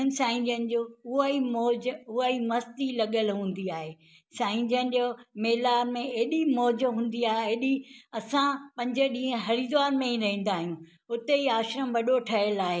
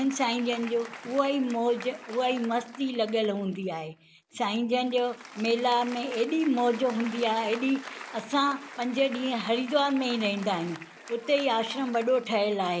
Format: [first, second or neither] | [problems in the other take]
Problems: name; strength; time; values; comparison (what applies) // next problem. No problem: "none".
first | background sound (Applause); 17 dB below the speech